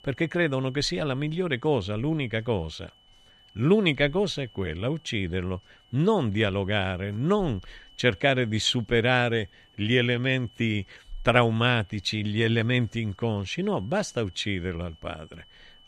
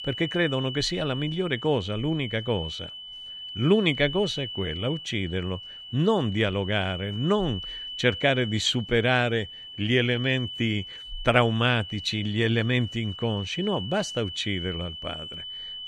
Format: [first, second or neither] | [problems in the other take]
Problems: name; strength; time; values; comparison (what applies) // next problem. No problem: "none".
first | high-pitched whine; loud; throughout; 3 kHz, 10 dB below the speech; faint in the first